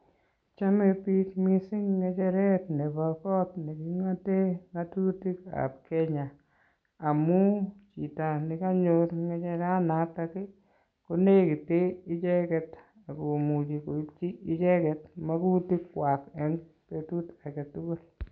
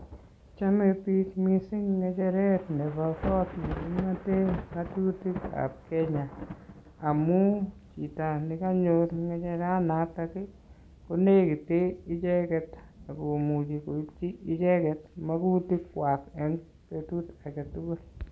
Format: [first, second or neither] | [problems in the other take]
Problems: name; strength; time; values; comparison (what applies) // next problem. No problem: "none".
first | background sound (Thunder / Rain); 15 dB below the speech